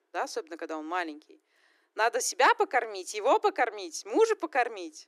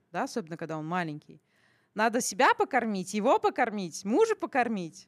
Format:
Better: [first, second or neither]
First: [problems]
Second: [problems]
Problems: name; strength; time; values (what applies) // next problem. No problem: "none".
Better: second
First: thin; very; fading below 300 Hz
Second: none